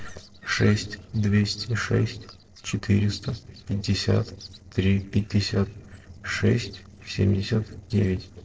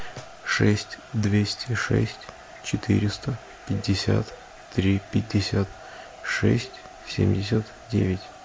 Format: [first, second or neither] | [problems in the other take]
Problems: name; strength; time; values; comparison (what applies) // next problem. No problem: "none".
second | noise reduction (neural separator model SepFormer DNS4)